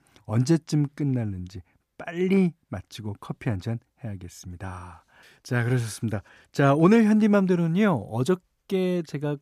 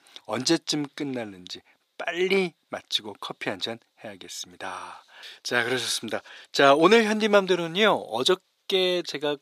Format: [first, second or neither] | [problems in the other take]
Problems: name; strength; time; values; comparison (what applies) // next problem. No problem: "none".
first | thin; somewhat; fading below 450 Hz